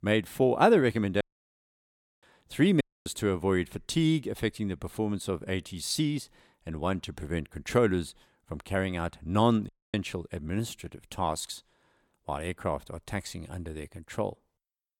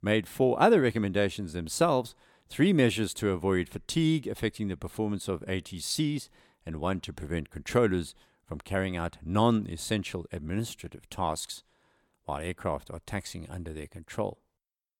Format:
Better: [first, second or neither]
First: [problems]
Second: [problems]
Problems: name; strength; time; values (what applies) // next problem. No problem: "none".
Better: second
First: audio cutting out; at 1 s for 1 s, at 3 s and at 9.5 s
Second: none